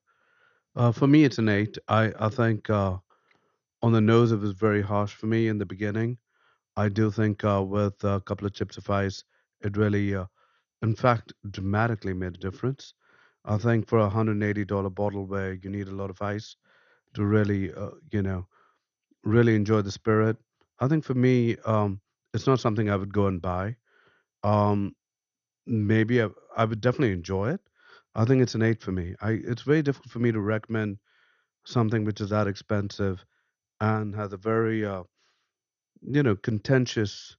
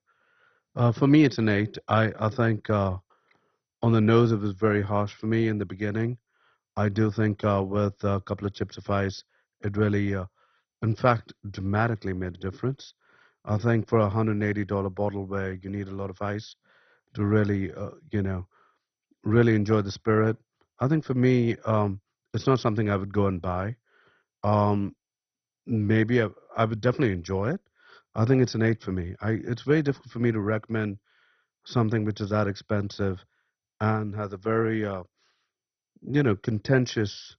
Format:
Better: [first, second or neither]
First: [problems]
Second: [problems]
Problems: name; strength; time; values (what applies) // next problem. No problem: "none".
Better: first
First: garbled, watery; slightly; nothing above 6.5 kHz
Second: garbled, watery; badly; nothing above 6 kHz